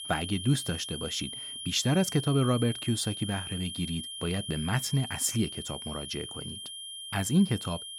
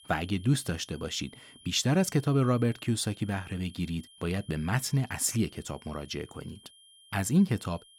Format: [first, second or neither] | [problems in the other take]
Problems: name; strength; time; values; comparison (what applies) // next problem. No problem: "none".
second | high-pitched whine; loud; throughout; 3 kHz, 8 dB below the speech; faint in the second